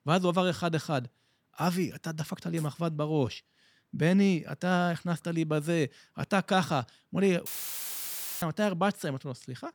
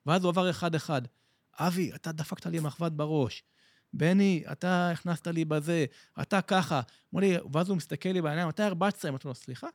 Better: second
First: audio cutting out; filled with static; at 7.5 s for 1 s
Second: none

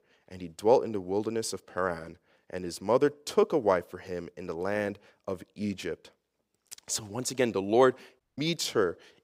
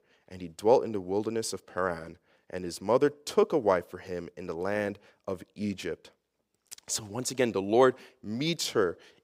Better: second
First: audio cutting out; at 8 s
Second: none

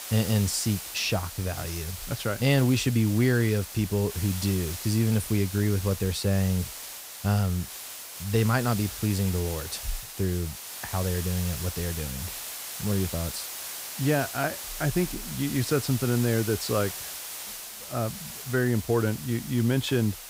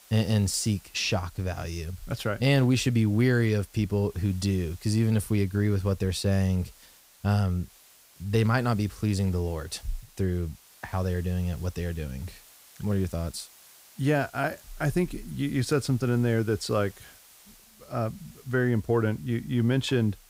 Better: second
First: hiss; loud; throughout; 8 dB below the speech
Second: hiss; faint; throughout; 25 dB below the speech

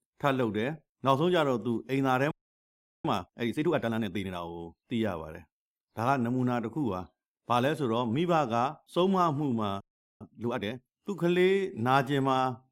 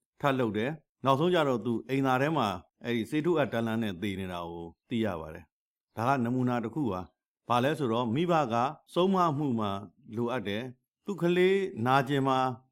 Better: second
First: audio freezing; at 2.5 s for 0.5 s and at 10 s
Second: none

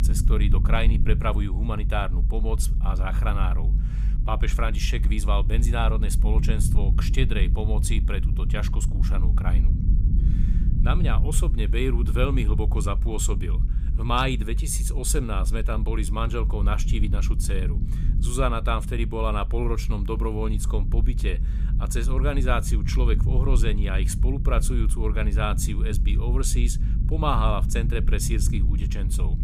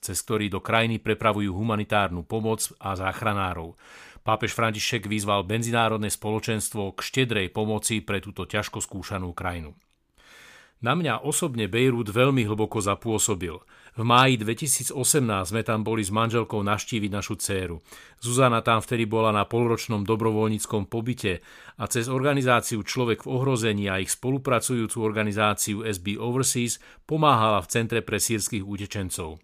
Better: second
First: low rumble; noticeable; throughout; 10 dB below the speech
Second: none

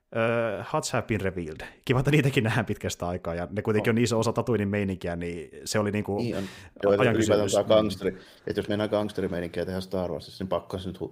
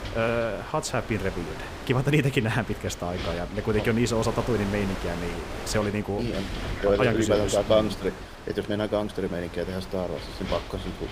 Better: first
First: none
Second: wind noise on the microphone; heavy; 10 dB below the speech

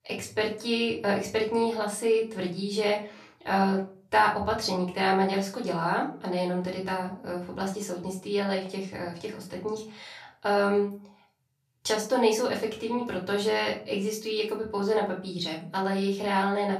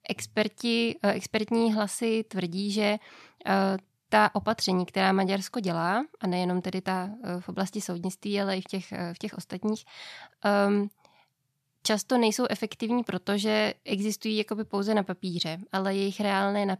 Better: second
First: off-mic speech; far // room echo; slight; dies away in 0.3 s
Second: none

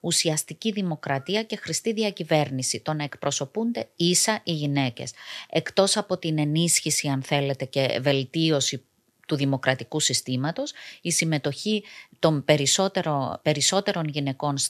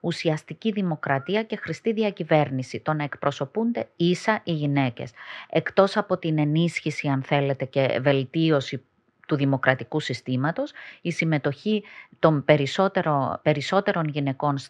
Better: first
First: none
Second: muffled; very; fading above 2 kHz

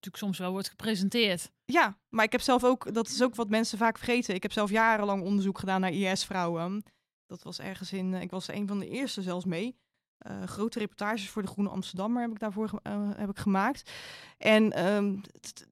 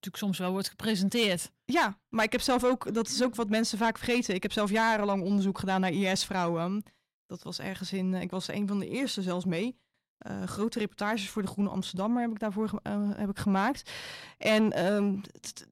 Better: first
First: none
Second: distortion; slight; 10 dB below the speech

